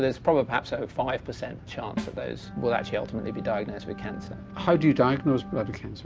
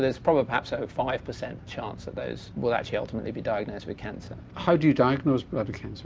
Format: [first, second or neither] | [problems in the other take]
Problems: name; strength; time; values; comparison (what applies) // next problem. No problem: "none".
second | background sound (Organ + Snare drum); 12 dB below the speech